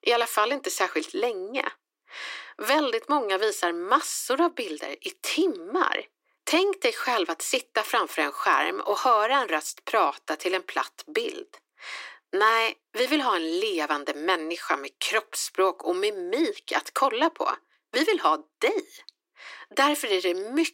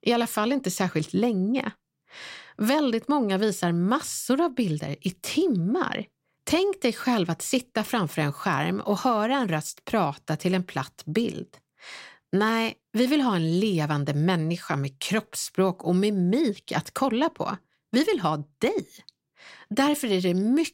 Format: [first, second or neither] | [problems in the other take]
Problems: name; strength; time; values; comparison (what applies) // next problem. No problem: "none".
second | thin; very; fading below 300 Hz